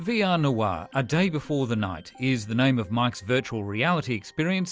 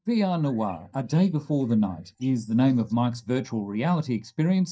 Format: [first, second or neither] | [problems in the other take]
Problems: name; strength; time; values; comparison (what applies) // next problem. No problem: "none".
first | noise reduction (neural mask model DeepFilterNet 3)